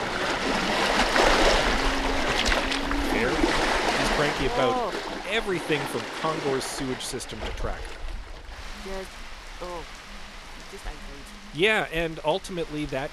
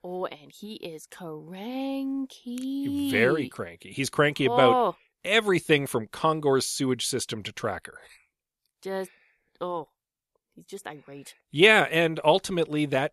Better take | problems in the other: second | rain or running water; very loud; throughout; 4 dB above the speech

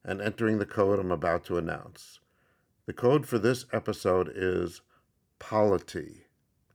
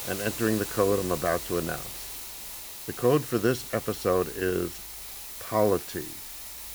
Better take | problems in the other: first | hiss; loud; throughout; 8 dB below the speech

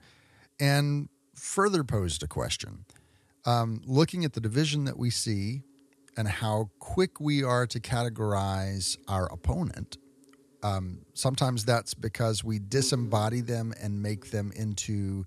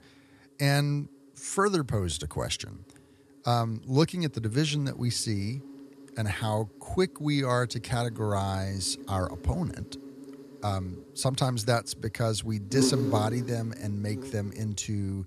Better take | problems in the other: first | animal sounds; loud; throughout; 9 dB below the speech; faint in the first

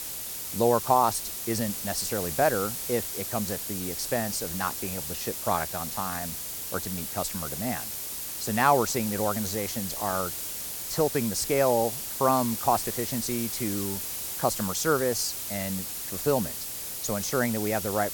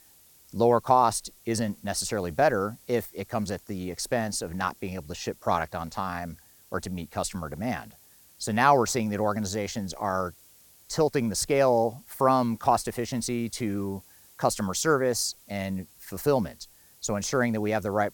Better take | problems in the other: second | hiss; loud; throughout; 3 dB below the speech; faint in the second

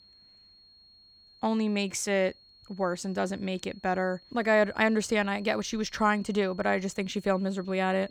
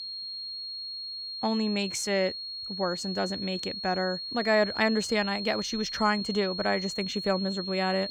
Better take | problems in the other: first | high-pitched whine; loud; throughout; 4.5 kHz, 5 dB below the speech; faint in the first

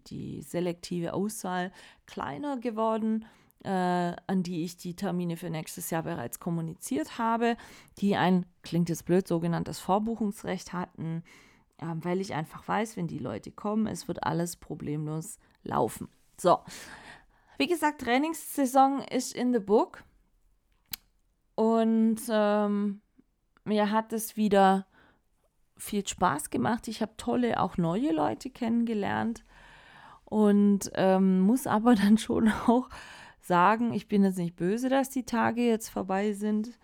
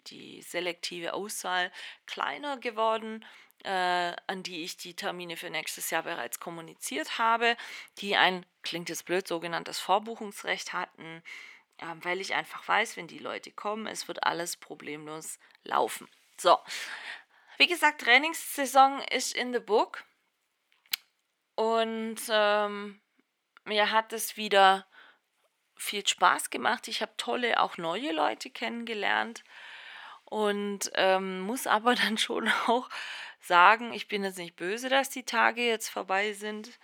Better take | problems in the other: first | thin; somewhat; fading below 450 Hz

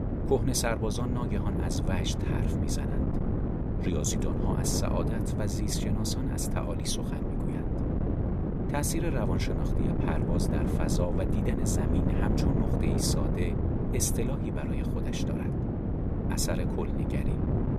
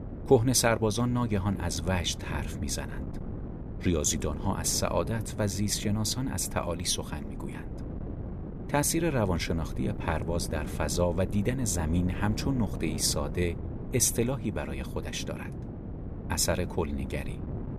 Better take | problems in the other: second | wind noise on the microphone; heavy; 1 dB below the speech; occasional gusts in the second

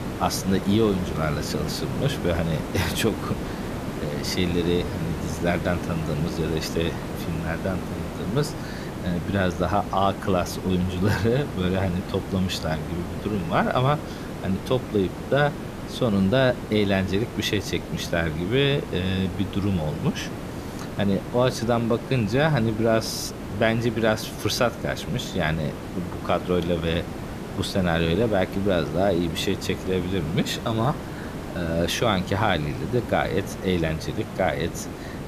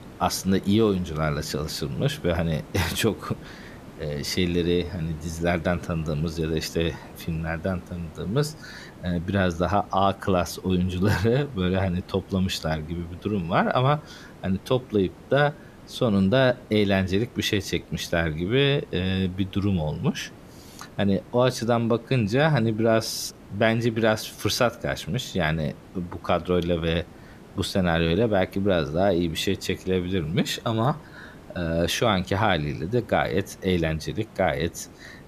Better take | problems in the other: second | hiss; loud; throughout; 8 dB below the speech; faint in the second

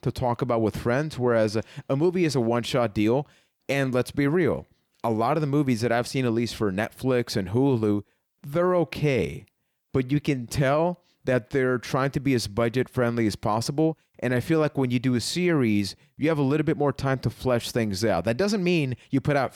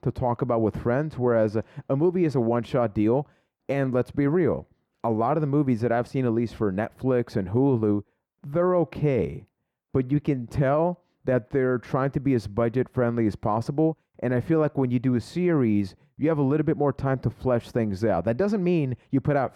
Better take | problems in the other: first | muffled; slightly; fading above 2 kHz

